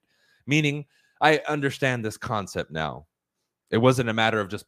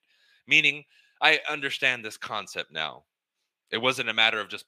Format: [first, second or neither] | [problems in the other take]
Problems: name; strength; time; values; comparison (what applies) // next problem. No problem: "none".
first | thin; somewhat; fading below 650 Hz